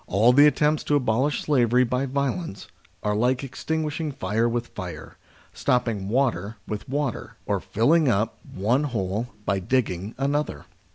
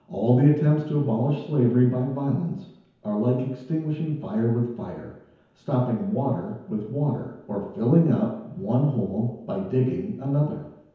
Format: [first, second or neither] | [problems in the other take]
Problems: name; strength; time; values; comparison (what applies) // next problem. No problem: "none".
first | room echo; dies away in 1 s